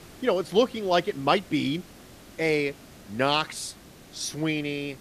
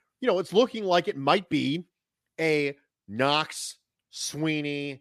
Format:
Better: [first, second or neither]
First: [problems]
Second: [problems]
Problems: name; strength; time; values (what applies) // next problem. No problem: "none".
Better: second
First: hiss; faint; throughout; 20 dB below the speech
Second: none